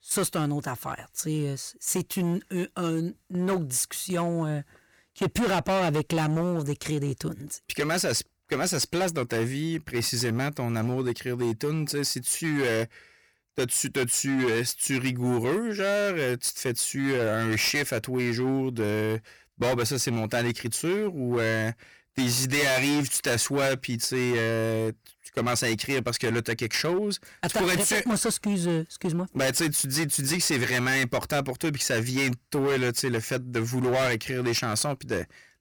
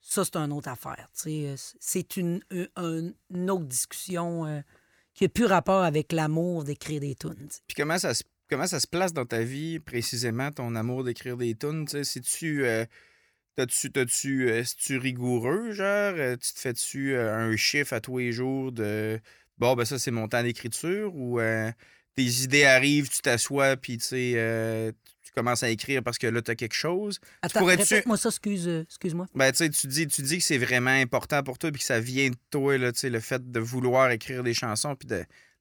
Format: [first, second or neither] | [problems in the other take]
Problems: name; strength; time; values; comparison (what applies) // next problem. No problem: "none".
second | distortion; heavy; 16% of the sound clipped